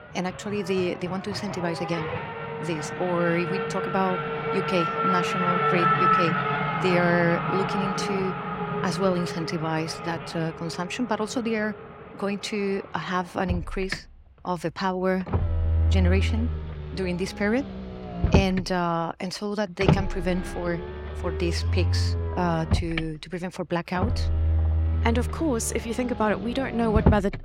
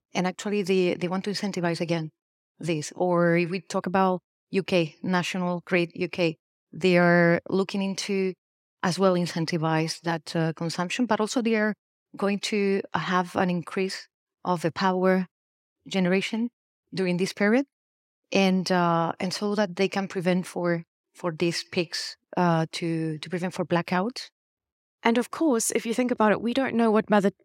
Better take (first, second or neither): second